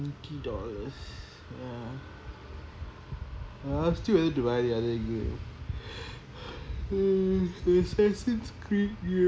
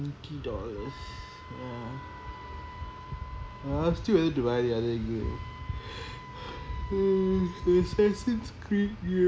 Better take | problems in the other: first | background sound (Wind instrument, woodwind instrument); 19 dB below the speech

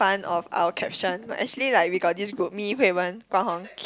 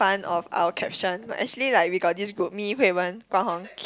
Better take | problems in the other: second | background sound (Drum); 19 dB below the speech

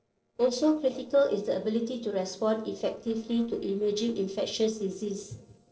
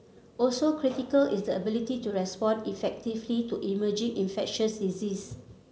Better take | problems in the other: second | noise reduction (neural separator model SepFormer DNS4)

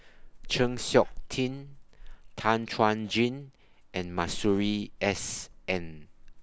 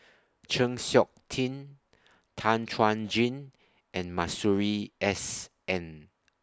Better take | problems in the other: second | background sound (Meow / Purr); 12 dB below the speech

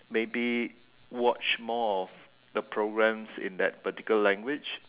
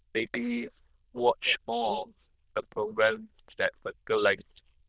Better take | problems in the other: first | noise reduction (neural diffusion model UNIVERSE++)

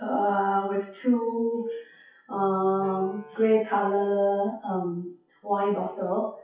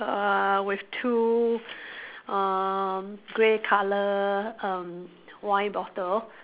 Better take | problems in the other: second | noise reduction (classical method WPE with log-MMSE)

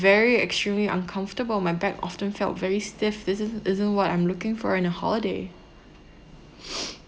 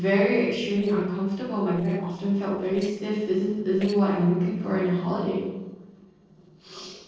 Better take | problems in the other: first | noise reduction (neural separator model SepFormer DNS4)

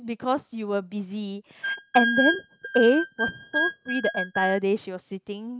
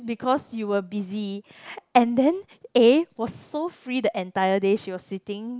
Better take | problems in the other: second | noise reduction (neural mask model RNNoise)

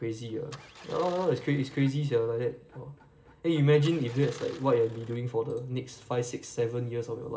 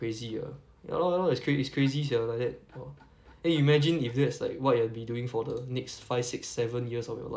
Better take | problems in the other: second | background sound (Engine starting); 20 dB below the speech // room echo; dies away in 1.9 s

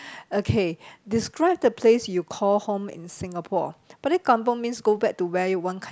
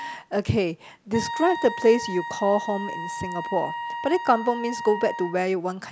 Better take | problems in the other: first | background sound (Wind instrument, woodwind instrument); 9 dB below the speech

